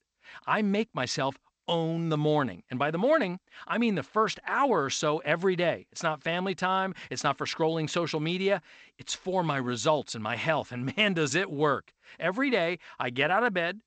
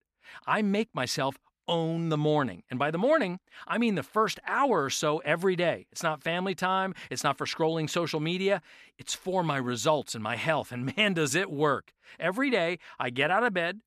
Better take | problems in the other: second | garbled, watery; slightly; nothing above 8 kHz

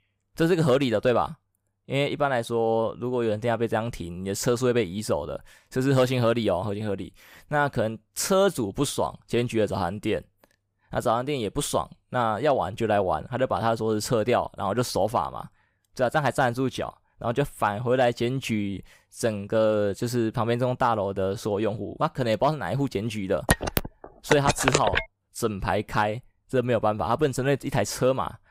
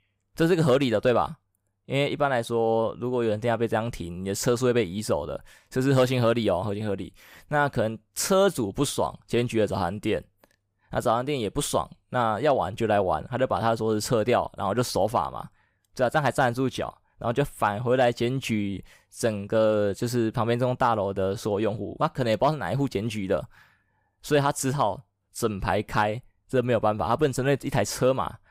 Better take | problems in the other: second | phone ringing; loud; from 23 to 25 s; peak 2 dB above the speech

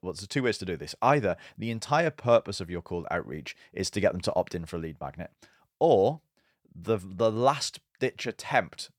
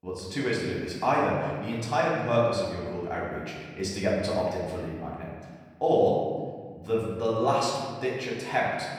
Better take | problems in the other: first | room echo; noticeable; dies away in 1.5 s // off-mic speech; far

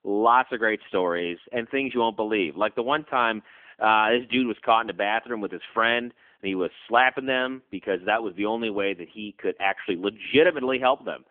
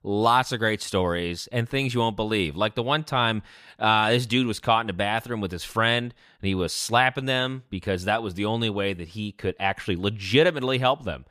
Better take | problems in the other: second | phone-call audio; nothing above 3.5 kHz

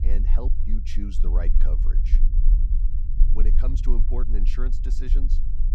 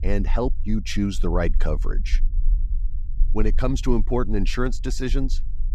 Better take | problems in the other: second | low rumble; loud; throughout; 6 dB below the speech; faint in the second

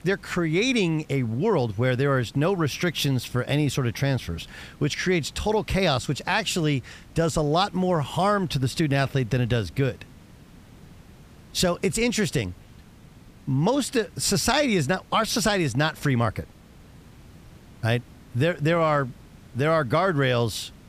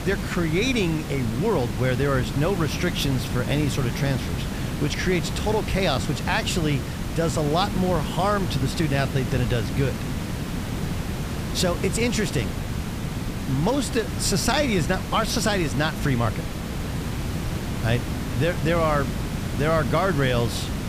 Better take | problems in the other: first | hiss; loud; throughout; 5 dB below the speech; faint in the first

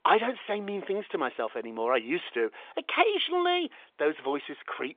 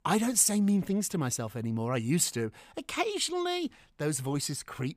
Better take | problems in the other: second | phone-call audio; nothing above 3.5 kHz

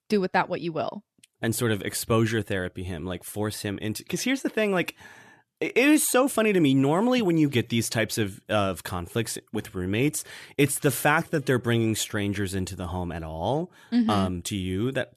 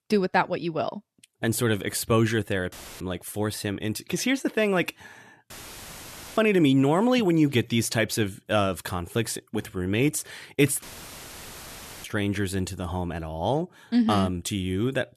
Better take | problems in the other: first | audio cutting out; filled with static; at 2.5 s, at 5.5 s for 1 s and at 11 s for 1 s

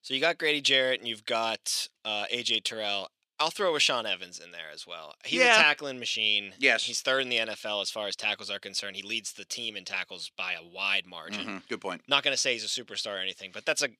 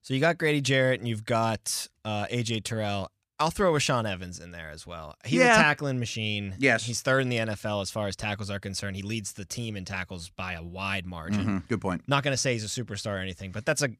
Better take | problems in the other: second | thin; somewhat; fading below 400 Hz

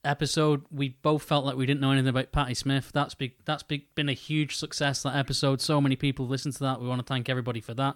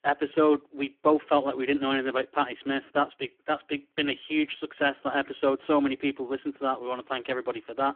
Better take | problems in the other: first | phone-call audio; poor line

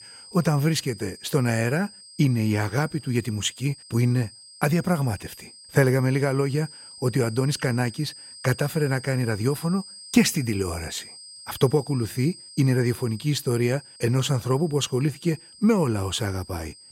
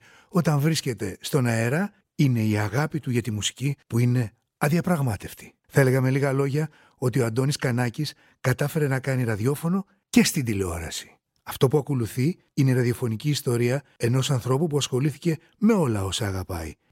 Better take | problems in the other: second | high-pitched whine; noticeable; throughout; 5 kHz, 20 dB below the speech

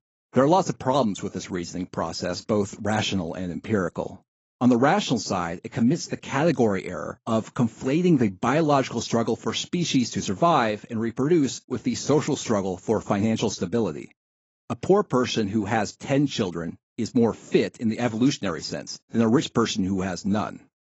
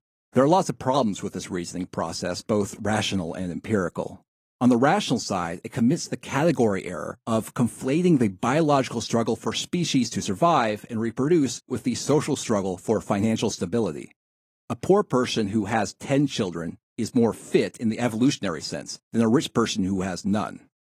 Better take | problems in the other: second | garbled, watery; badly; nothing above 7.5 kHz; slightly in the second

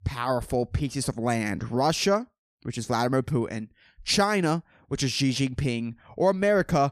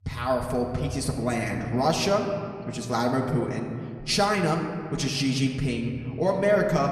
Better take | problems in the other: first | room echo; slight; dies away in 2.1 s // off-mic speech; far

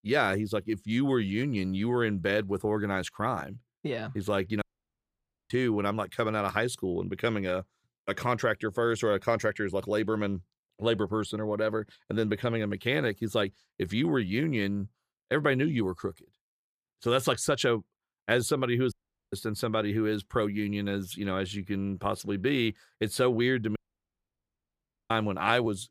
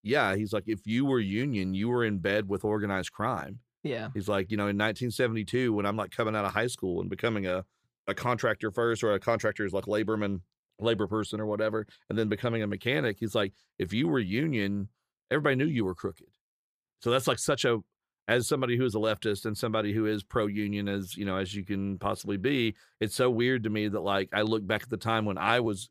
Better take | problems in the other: second | audio cutting out; at 4.5 s for 1 s, at 19 s and at 24 s for 1.5 s

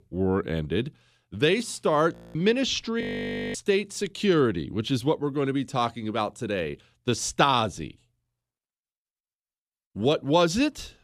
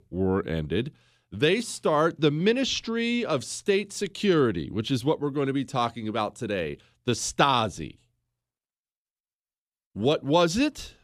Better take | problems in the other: second | audio freezing; at 2 s and at 3 s for 0.5 s

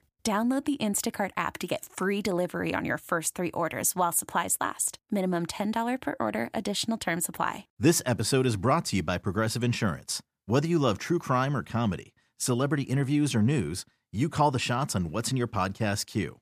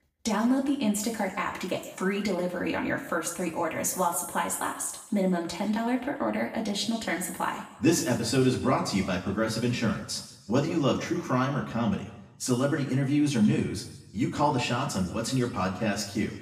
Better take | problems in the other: first | room echo; slight; dies away in 0.9 s // off-mic speech; far

